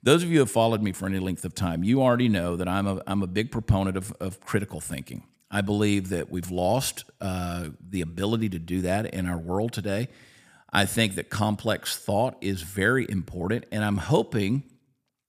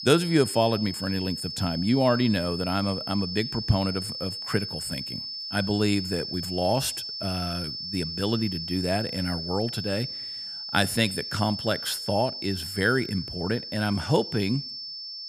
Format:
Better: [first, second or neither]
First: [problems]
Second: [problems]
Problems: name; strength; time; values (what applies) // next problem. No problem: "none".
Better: first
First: none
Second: high-pitched whine; loud; throughout; 5.5 kHz, 6 dB below the speech